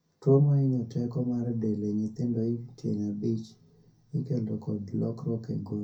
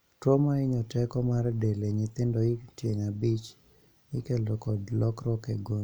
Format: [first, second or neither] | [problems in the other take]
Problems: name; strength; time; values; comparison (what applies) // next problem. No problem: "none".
second | room echo; dies away in 0.3 s